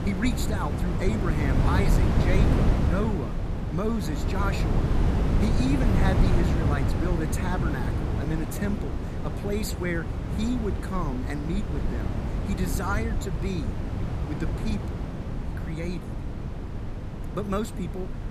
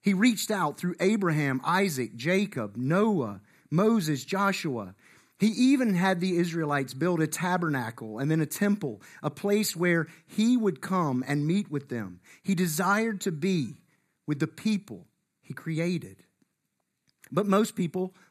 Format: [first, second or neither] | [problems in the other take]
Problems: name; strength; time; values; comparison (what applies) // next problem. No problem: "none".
second | wind noise on the microphone; heavy; 1 dB below the speech